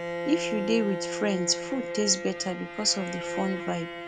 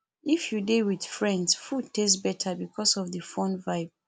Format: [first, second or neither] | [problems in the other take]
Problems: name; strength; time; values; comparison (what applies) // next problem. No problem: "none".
second | background sound (Bowed string instrument); 5 dB below the speech